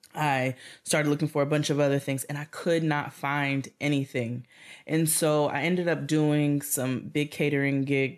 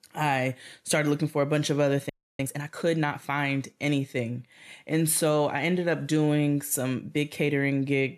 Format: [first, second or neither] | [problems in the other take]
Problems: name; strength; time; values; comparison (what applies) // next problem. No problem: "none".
first | audio freezing; at 2 s